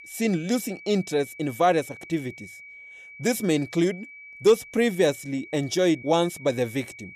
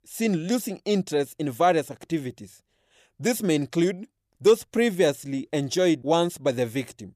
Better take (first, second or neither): second